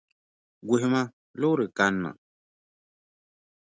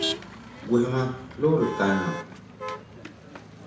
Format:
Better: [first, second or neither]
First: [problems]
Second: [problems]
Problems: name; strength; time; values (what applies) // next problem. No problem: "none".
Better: first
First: none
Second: background sound (Motor vehicle (road)); 8 dB below the speech // room echo; dies away in 0.6 s